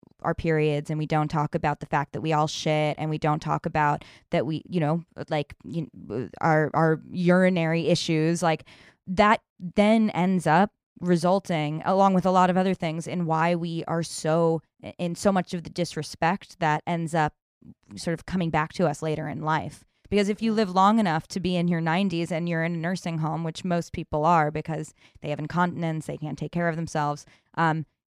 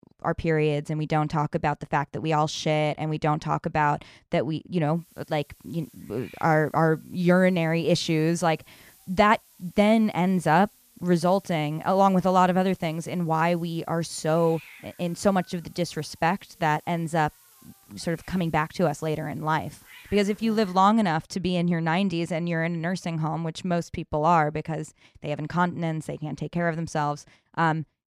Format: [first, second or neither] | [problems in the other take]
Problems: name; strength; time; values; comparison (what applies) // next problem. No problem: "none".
first | hiss; faint; from 5 to 21 s; 25 dB below the speech